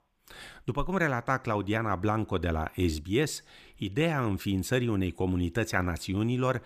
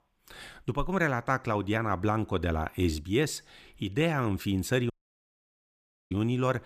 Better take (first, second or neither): first